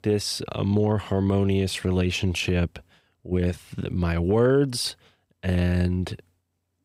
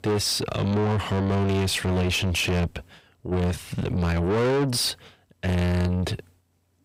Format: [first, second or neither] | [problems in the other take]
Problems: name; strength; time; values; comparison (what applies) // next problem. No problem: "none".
first | distortion; heavy; 6 dB below the speech